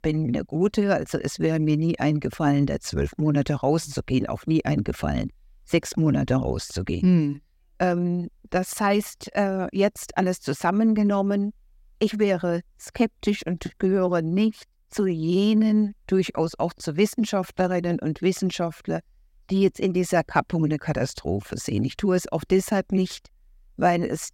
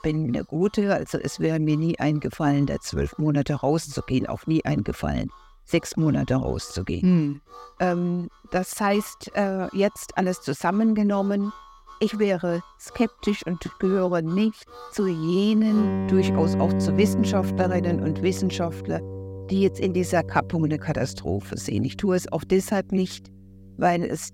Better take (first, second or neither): first